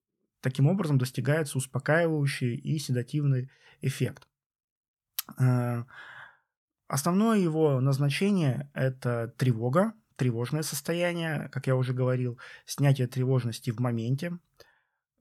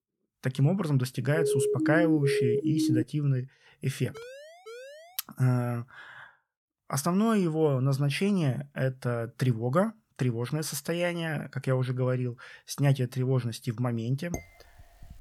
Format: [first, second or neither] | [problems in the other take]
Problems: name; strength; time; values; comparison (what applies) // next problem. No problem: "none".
first | siren; loud; from 1.5 to 3 s; peak 2 dB above the speech // siren; faint; from 4 to 5 s; peak 15 dB below the speech // clattering dishes; faint; at 14 s; peak 10 dB below the speech